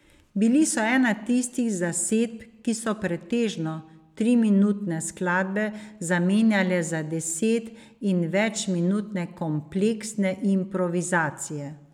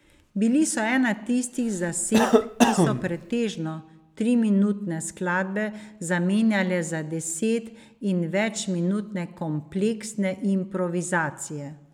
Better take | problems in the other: first | background sound (Cough); 1 dB above the speech

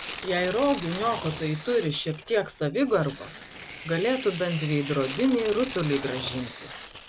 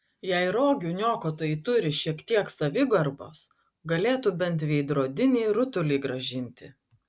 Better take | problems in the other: second | background sound (Tearing); 12 dB below the speech

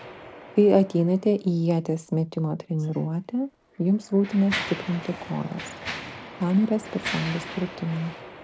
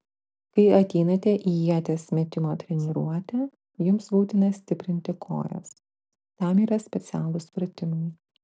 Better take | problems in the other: second | background sound (Mechanisms); 13 dB below the speech

